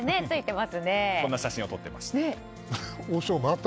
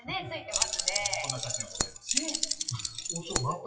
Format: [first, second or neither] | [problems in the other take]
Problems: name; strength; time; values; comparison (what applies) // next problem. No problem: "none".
first | noise reduction (classical method WPE with log-MMSE)